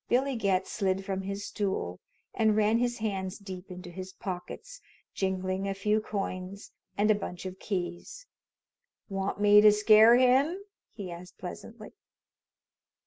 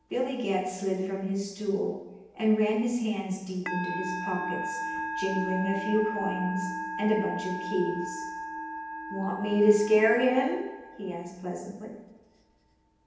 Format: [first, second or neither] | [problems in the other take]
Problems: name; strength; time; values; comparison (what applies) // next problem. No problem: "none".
first | background sound (Musical instrument); 8 dB below the speech // room echo; dies away in 0.9 s